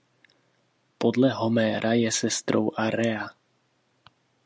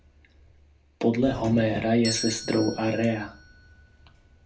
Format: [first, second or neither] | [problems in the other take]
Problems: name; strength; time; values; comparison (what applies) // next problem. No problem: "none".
first | background sound (Doorbell); 13 dB below the speech // room echo; dies away in 0.3 s